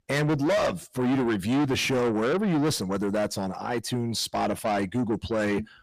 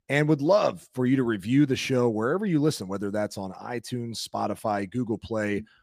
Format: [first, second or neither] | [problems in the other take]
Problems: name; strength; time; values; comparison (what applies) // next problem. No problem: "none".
second | distortion; heavy; 6 dB below the speech